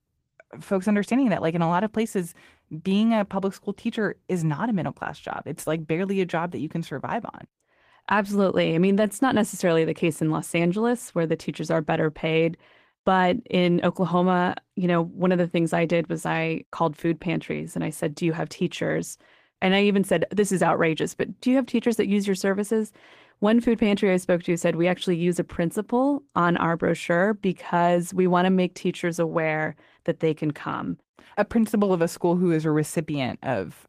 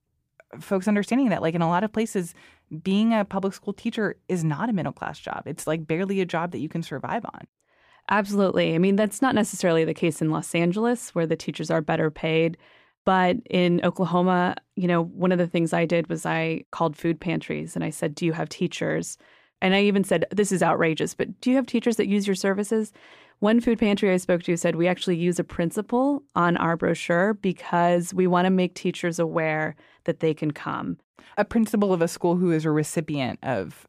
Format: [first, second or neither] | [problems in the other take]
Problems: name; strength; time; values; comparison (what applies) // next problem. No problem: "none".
second | garbled, watery; slightly; nothing above 15 kHz